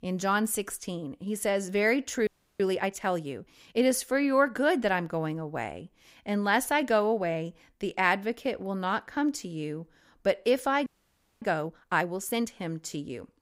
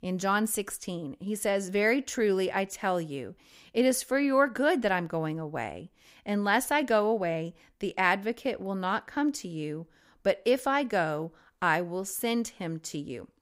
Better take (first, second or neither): second